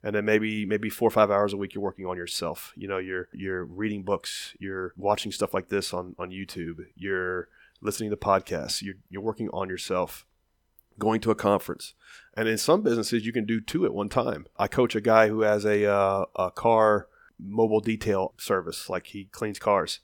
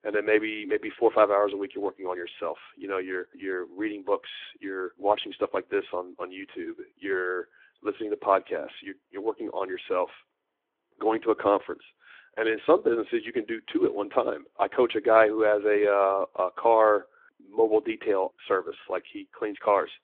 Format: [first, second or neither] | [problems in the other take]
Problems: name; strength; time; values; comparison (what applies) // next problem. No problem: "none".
first | phone-call audio; nothing above 3.5 kHz